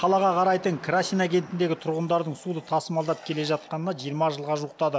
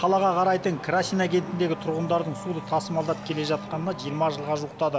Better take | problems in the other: first | background sound (Race car, auto racing / Accelerating, revving, vroom); 13 dB below the speech

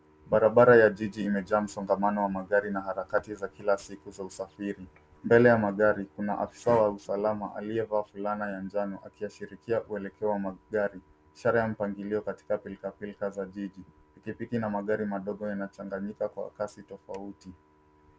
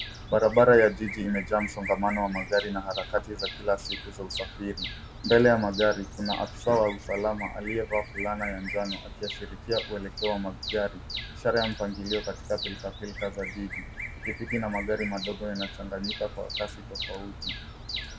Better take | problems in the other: first | background sound (Bird vocalization, bird call, bird song); 9 dB below the speech

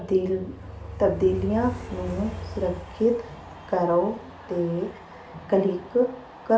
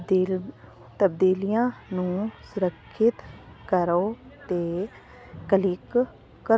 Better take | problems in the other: second | background sound (Train); 12 dB below the speech // room echo; dies away in 0.4 s

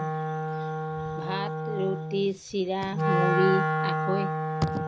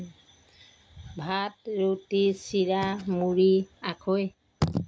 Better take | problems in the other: second | background sound (Wind instrument, woodwind instrument); 2 dB above the speech

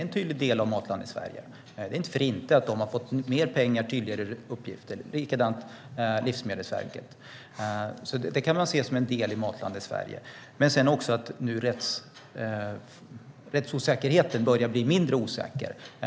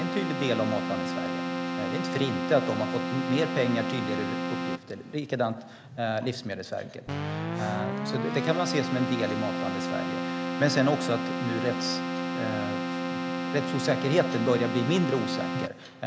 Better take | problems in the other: first | background sound (Keyboard (musical)); 1 dB below the speech

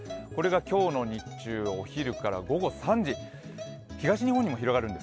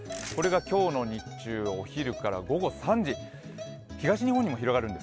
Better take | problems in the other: first | background sound (Bell / Mechanisms); 18 dB below the speech

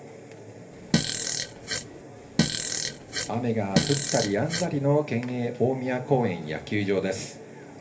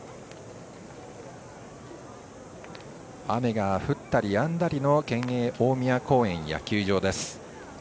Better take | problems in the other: second | background sound (Fart); 1 dB below the speech // room echo; dies away in 0.3 s

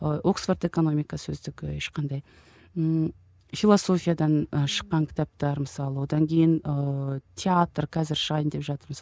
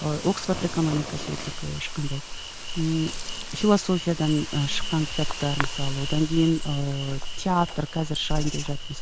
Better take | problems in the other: first | background sound (Insect); 4 dB below the speech

